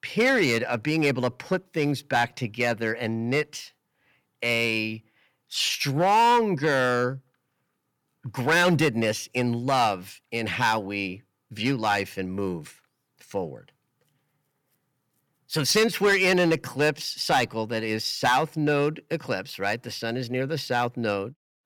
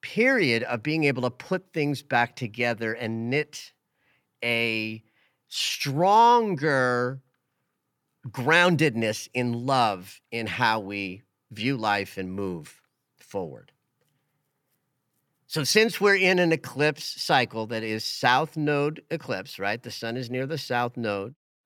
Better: second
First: distortion; slight; 3% of the sound clipped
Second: none

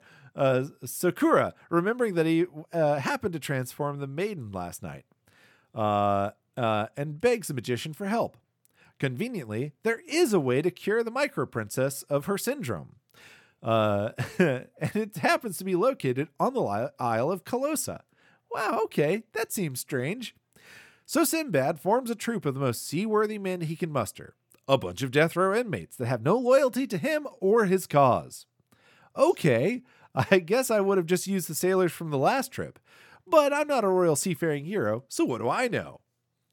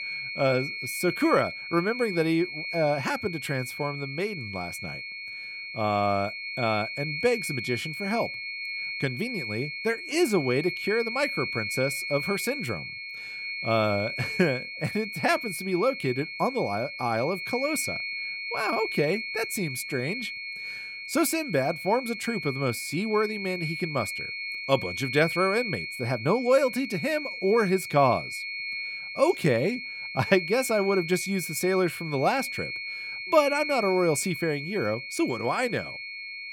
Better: first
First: none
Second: high-pitched whine; loud; throughout; 2 kHz, 5 dB below the speech

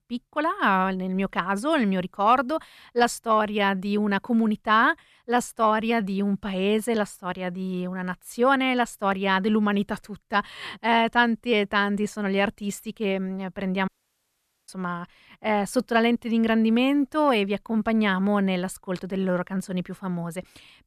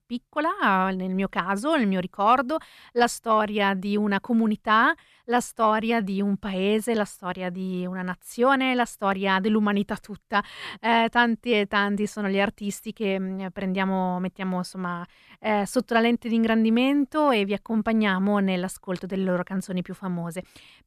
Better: second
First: audio cutting out; at 14 s for 1 s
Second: none

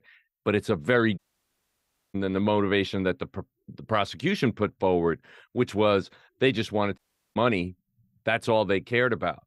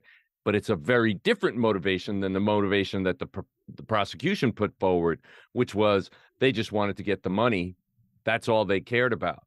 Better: second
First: audio cutting out; at 1 s for 1 s and at 7 s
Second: none

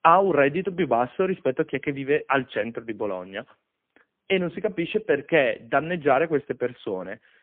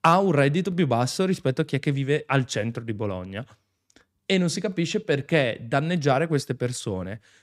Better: second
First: phone-call audio; poor line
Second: none

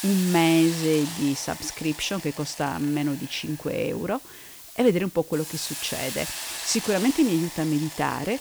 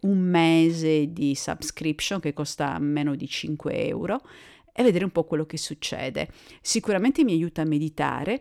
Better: second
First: hiss; loud; throughout; 9 dB below the speech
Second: none

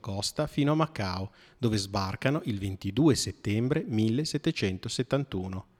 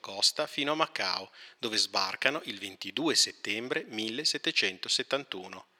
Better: first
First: none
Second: thin; very; fading below 500 Hz

